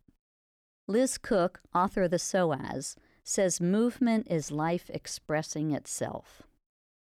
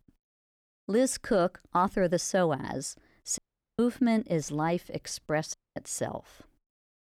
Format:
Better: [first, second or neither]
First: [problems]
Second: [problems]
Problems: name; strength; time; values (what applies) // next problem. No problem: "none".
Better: first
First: none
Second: audio cutting out; at 3.5 s and at 5.5 s